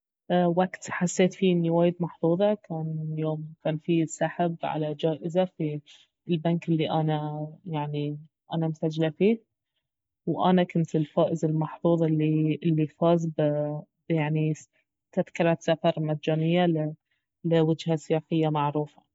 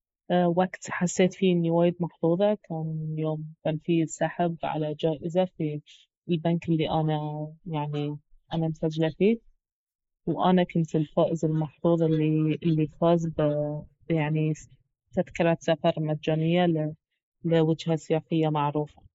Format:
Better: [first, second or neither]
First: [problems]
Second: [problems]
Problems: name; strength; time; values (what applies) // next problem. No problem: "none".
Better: first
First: none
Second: noise reduction (neural mask model Resemble Enhance denoiser)